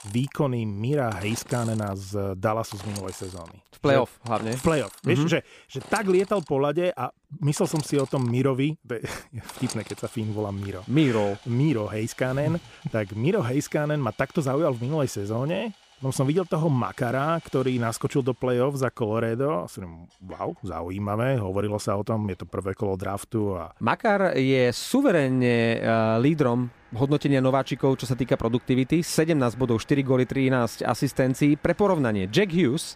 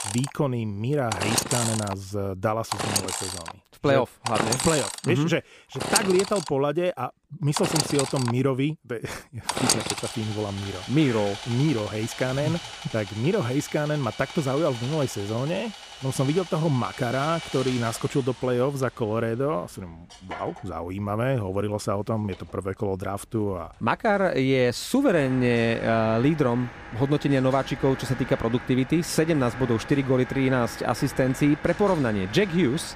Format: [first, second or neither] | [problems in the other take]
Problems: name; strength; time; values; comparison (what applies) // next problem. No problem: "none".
first | machinery noise; loud; throughout; 7 dB below the speech; faint in the first